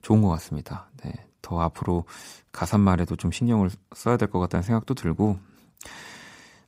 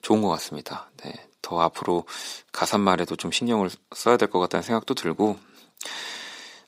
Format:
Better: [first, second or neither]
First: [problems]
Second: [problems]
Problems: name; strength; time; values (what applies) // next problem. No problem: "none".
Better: first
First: none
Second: thin; somewhat; fading below 400 Hz